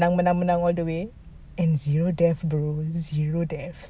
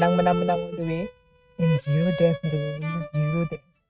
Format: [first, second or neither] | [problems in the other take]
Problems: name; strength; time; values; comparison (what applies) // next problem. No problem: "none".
first | noise reduction (neural mask model RNNoise)